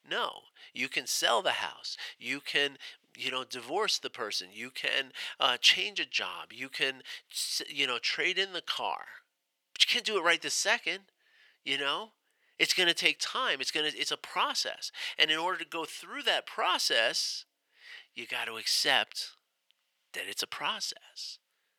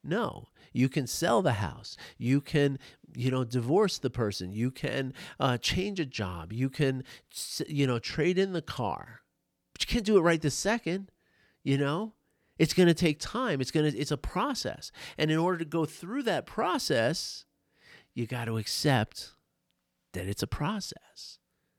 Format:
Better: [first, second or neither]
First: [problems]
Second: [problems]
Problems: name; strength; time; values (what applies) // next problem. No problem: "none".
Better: second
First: thin; very; fading below 700 Hz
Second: none